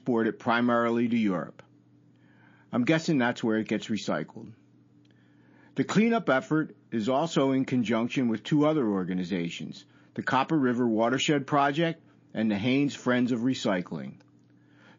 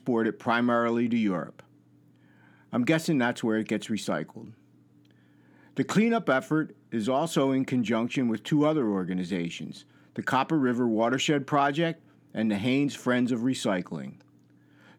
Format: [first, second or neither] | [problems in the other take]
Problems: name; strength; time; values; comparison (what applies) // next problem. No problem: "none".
second | garbled, watery; slightly; nothing above 7 kHz